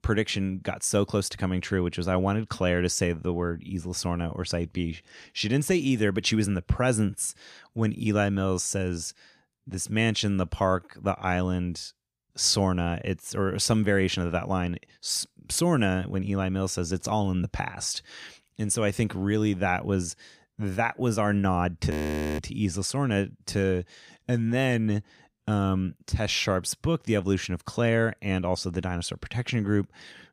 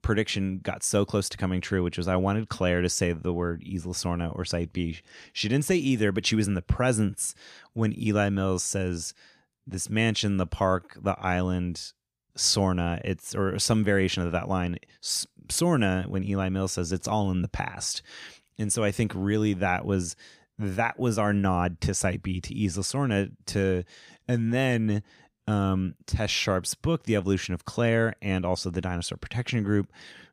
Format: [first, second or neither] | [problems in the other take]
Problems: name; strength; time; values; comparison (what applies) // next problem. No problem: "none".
second | audio freezing; at 22 s